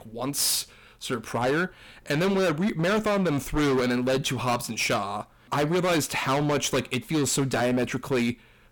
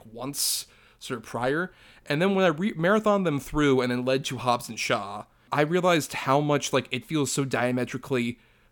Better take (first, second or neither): second